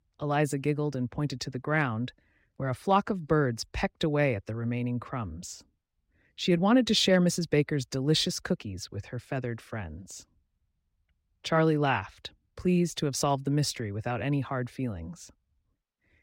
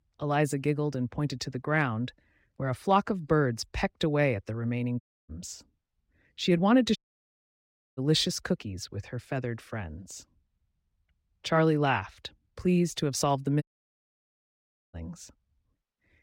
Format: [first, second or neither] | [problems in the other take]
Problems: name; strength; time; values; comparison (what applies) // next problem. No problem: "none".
first | audio cutting out; at 5 s, at 7 s for 1 s and at 14 s for 1.5 s